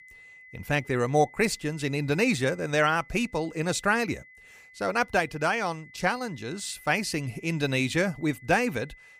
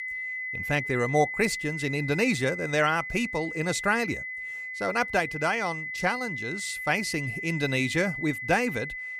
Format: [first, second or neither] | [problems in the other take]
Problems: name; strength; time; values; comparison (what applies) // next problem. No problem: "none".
first | high-pitched whine; loud; throughout; 2 kHz, 5 dB below the speech; faint in the first